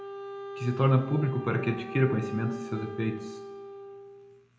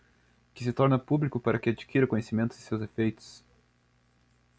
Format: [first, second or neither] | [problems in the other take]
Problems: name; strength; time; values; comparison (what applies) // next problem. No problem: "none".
second | background sound (Wind instrument, woodwind instrument); 11 dB below the speech // room echo; dies away in 0.8 s